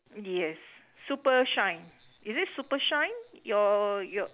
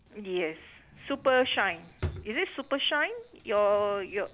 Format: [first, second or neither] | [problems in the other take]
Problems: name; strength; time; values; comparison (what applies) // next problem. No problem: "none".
first | background sound (Drawer open or close); 15 dB below the speech